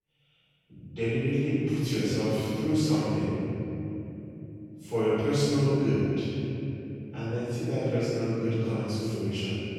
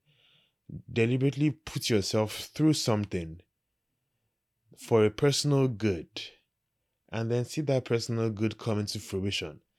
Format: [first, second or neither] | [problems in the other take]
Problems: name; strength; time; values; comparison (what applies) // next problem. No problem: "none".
second | off-mic speech; far // room echo; strong; dies away in 3 s